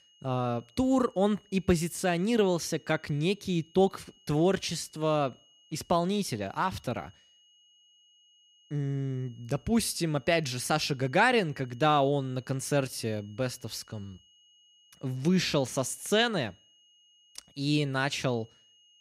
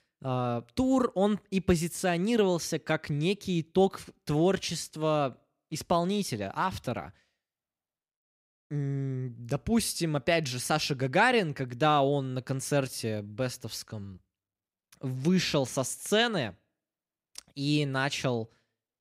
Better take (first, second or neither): second